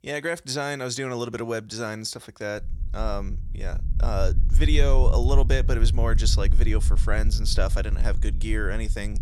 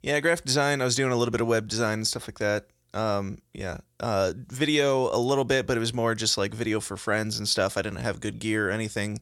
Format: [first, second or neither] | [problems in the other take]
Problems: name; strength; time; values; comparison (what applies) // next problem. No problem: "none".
second | low rumble; noticeable; from 2.5 s on; 15 dB below the speech